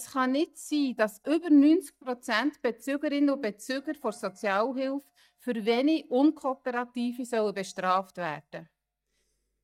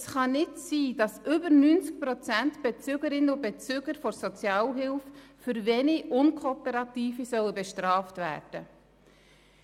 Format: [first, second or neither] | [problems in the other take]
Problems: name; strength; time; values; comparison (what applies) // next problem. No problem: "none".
second | noise reduction (neural mask model DeepFilterNet 3)